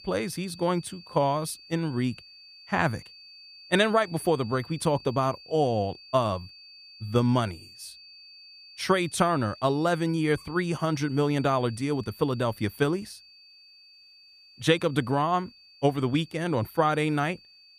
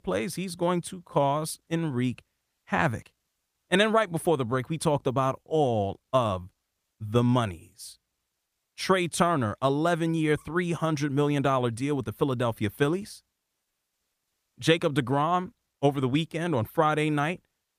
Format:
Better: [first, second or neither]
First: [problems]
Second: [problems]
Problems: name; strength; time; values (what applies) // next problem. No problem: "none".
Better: second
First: high-pitched whine; faint; throughout; 4.5 kHz, 20 dB below the speech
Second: none